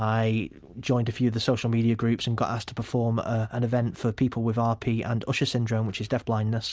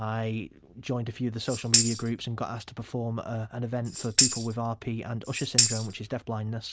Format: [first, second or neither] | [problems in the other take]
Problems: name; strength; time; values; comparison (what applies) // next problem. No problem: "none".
first | background sound (Tambourine); 4 dB above the speech